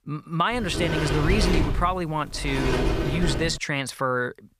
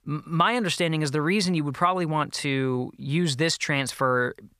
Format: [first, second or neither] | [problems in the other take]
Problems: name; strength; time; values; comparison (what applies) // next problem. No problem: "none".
second | door banging; loud; from 0.5 to 3.5 s; peak 3 dB above the speech